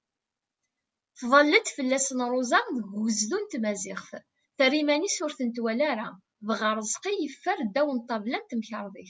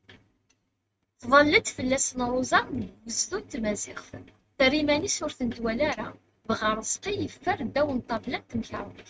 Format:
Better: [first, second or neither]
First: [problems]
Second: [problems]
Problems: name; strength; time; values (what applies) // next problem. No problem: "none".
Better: first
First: none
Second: noise reduction (neural mask model RNNoise)